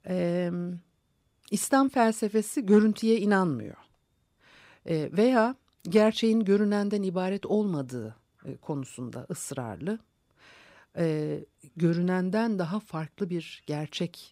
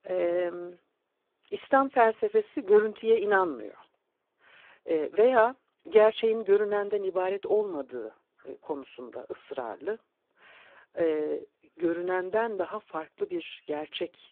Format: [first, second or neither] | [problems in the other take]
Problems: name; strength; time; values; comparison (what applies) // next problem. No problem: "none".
first | phone-call audio; poor line